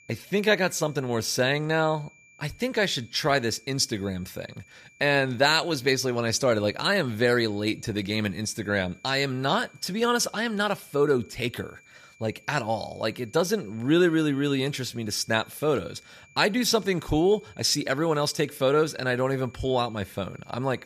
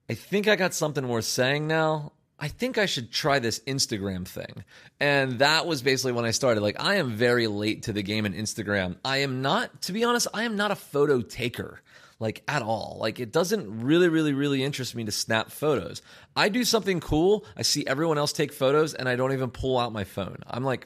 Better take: second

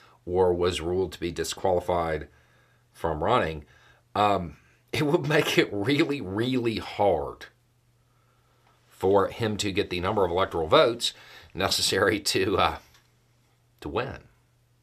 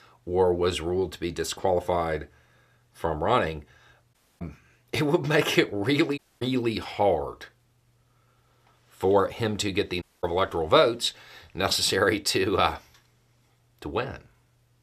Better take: first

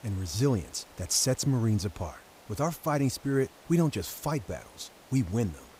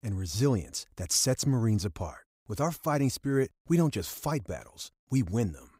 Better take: second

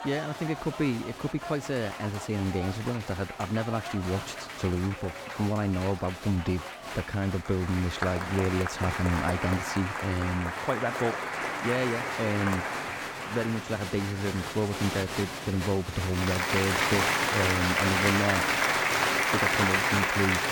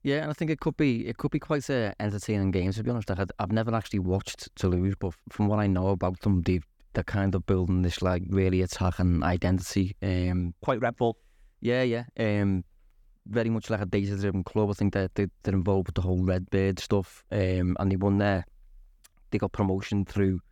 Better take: second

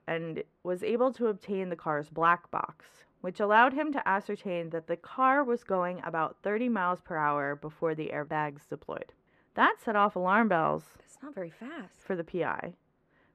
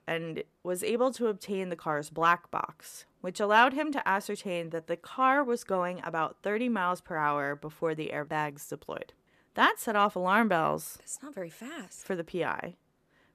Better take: second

